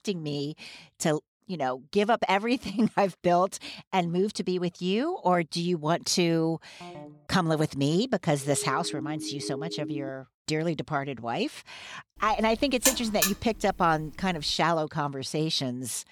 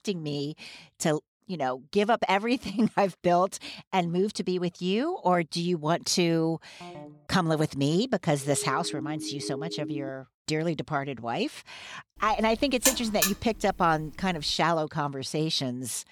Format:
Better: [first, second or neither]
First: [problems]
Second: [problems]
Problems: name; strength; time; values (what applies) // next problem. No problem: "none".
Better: neither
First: phone ringing; faint; at 7 s; peak 15 dB below the speech // siren; noticeable; from 8.5 to 10 s; peak 9 dB below the speech // alarm; loud; from 12 to 13 s; peak 2 dB above the speech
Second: phone ringing; faint; at 7 s; peak 15 dB below the speech // siren; noticeable; from 8.5 to 10 s; peak 9 dB below the speech // alarm; loud; from 12 to 13 s; peak 2 dB above the speech